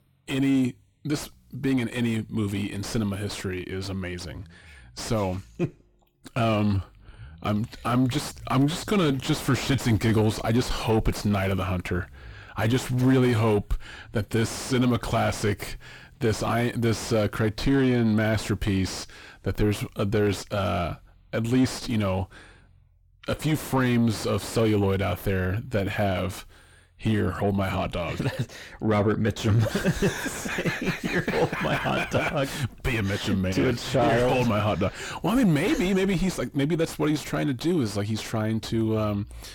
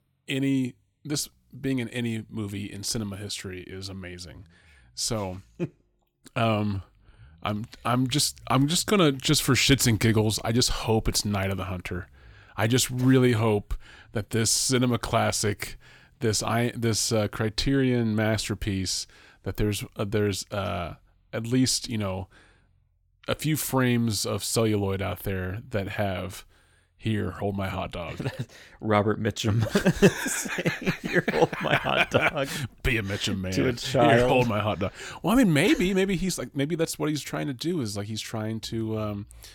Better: second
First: distortion; heavy; 5 dB below the speech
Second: none

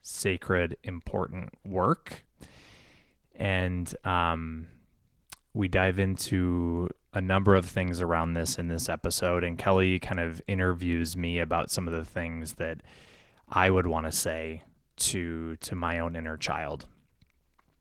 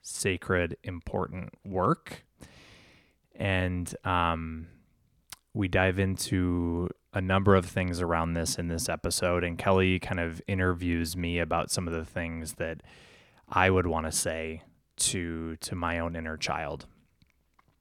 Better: second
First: garbled, watery; slightly; nothing above 18.5 kHz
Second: none

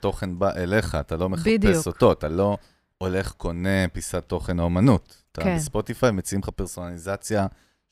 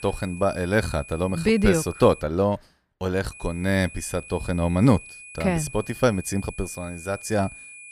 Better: first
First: none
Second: high-pitched whine; noticeable; until 2 s and from 3.5 s on; 2.5 kHz, 15 dB below the speech

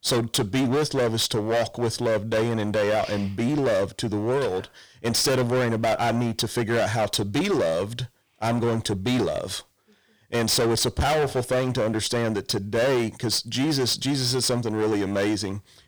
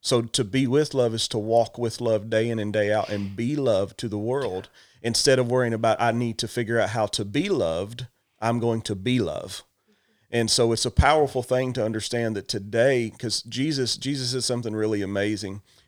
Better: second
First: distortion; heavy; 21% of the sound clipped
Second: none

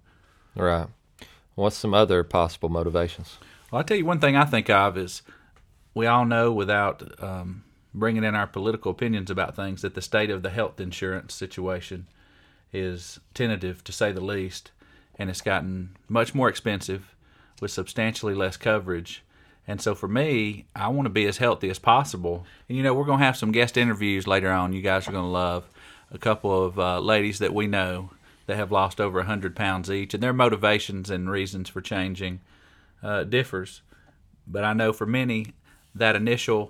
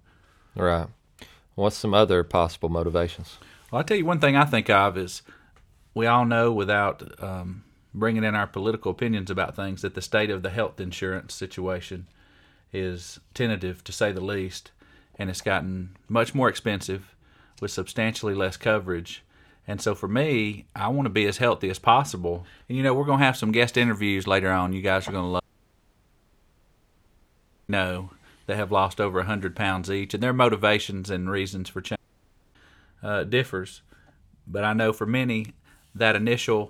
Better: first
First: none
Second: audio cutting out; at 25 s for 2.5 s and at 32 s for 0.5 s

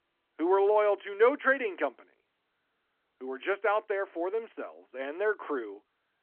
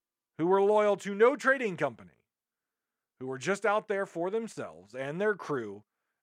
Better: second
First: phone-call audio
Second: none

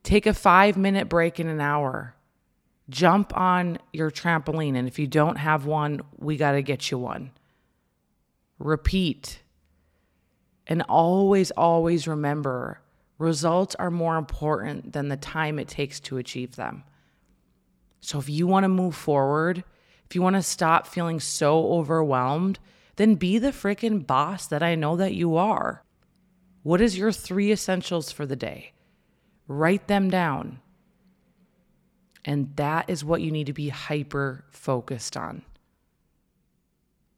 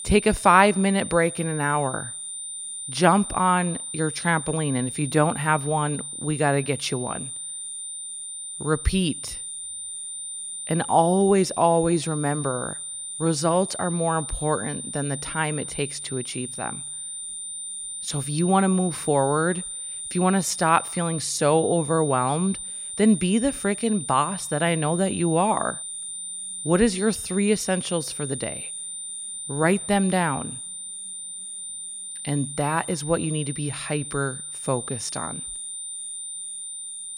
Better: first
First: none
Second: high-pitched whine; loud; throughout; 9 kHz, 8 dB below the speech

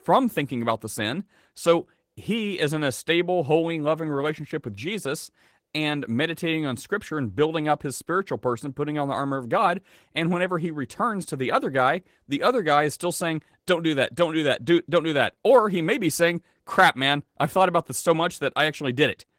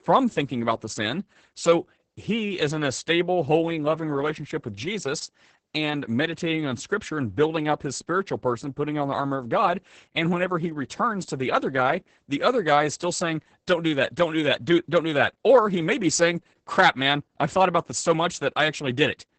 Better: first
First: garbled, watery; slightly; nothing above 16 kHz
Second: garbled, watery; badly; nothing above 8 kHz

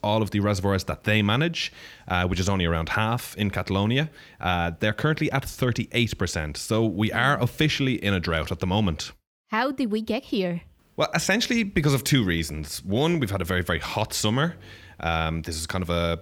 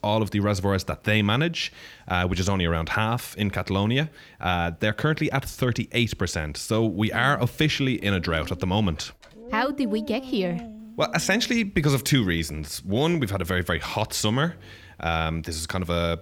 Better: first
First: none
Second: dog barking; faint; from 8 to 12 s; peak 10 dB below the speech

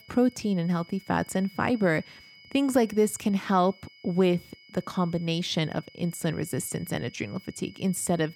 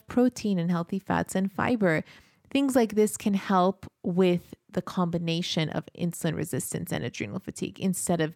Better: second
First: high-pitched whine; faint; throughout; 2 kHz, 25 dB below the speech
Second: none

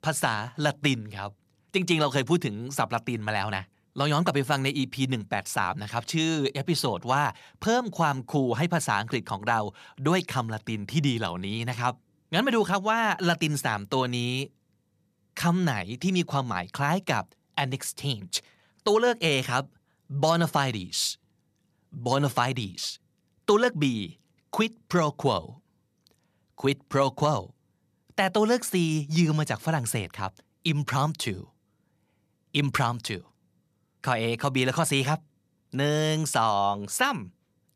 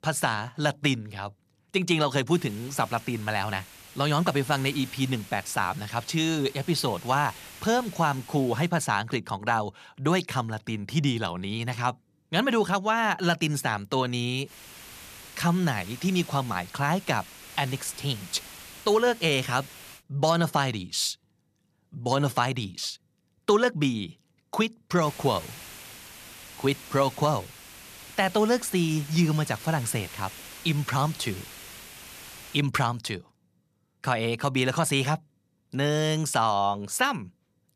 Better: first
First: none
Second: hiss; noticeable; from 2.5 to 8.5 s, from 14 to 20 s and from 25 to 33 s; 15 dB below the speech

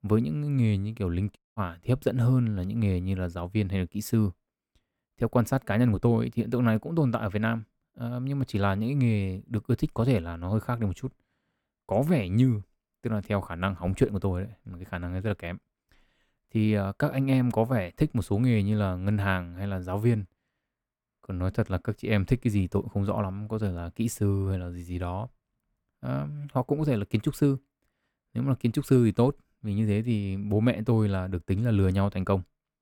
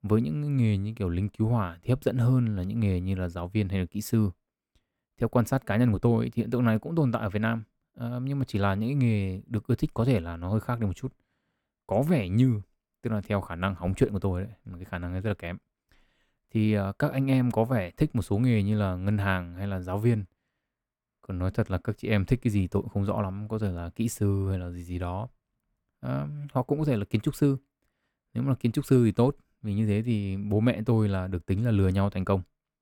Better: second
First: audio cutting out; at 1.5 s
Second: none

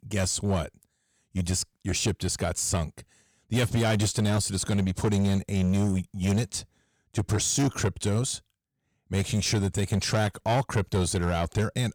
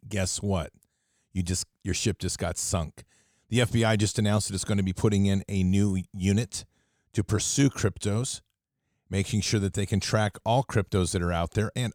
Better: second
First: distortion; slight; 9% of the sound clipped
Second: none

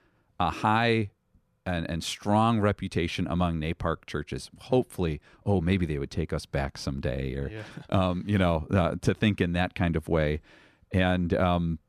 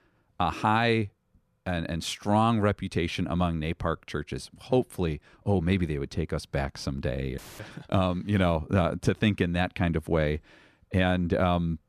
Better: first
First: none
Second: audio cutting out; filled with static; at 7.5 s

